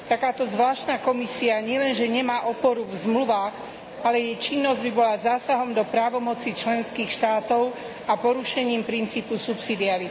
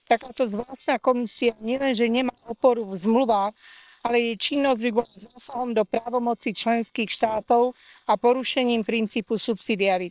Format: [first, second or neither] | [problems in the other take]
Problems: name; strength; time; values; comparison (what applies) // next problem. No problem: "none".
first | noise reduction (neural separator model SepFormer WHAM!)